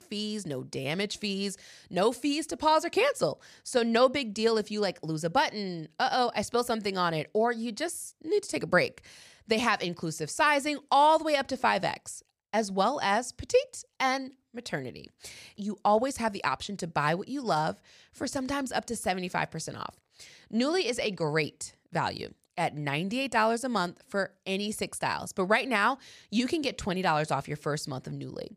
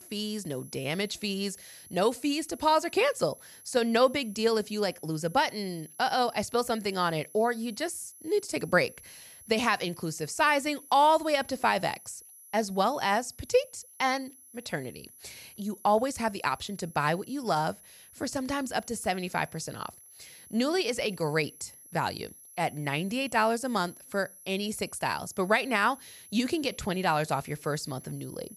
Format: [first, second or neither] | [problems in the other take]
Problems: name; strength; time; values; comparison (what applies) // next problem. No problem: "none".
first | high-pitched whine; noticeable; throughout; 11 kHz, 20 dB below the speech